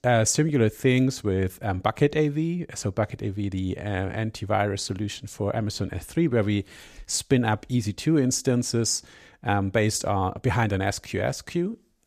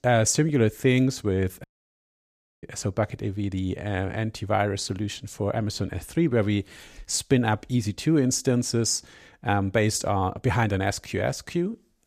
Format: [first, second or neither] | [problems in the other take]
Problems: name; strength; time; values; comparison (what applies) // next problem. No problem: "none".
first | audio cutting out; at 1.5 s for 1 s